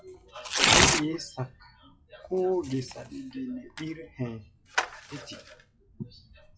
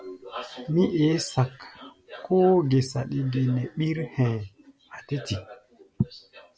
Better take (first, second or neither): second